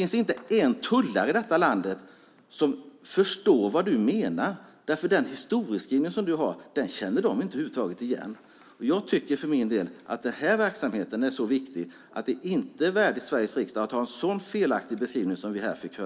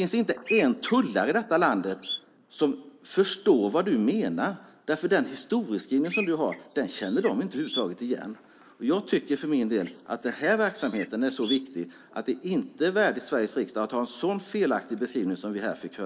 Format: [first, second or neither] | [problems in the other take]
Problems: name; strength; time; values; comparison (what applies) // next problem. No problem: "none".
first | noise reduction (neural mask model Resemble Enhance denoiser)